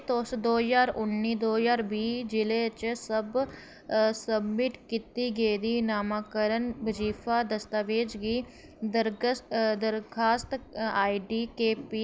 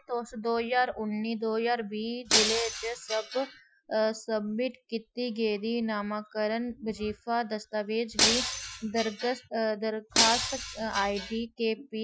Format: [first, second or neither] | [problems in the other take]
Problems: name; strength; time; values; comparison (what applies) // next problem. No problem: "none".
first | noise reduction (classical method Wiener filter)